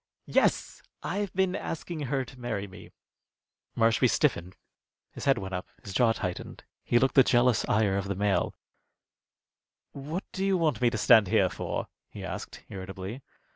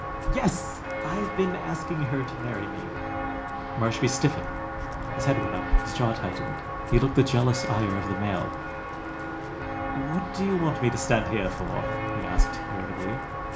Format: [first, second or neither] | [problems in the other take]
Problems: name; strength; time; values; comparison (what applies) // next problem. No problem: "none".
first | background sound (Walk, footsteps); 1 dB below the speech // room echo; dies away in 0.4 s